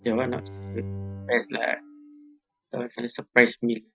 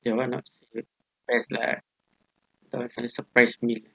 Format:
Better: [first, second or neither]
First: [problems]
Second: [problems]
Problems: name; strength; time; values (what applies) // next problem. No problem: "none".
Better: second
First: noise reduction (classical method Wiener filter)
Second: none